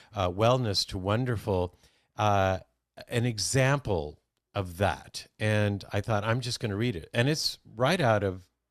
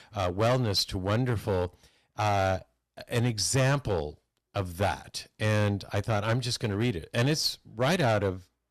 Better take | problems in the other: first | distortion; slight; 6% of the sound clipped

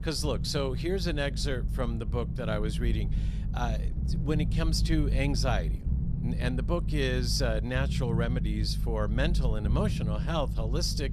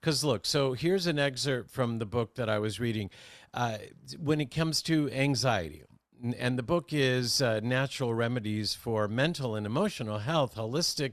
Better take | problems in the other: second | low rumble; noticeable; throughout; 10 dB below the speech

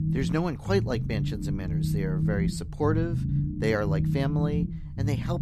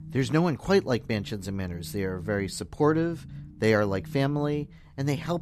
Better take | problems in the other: second | low rumble; loud; throughout; 6 dB below the speech; faint in the second

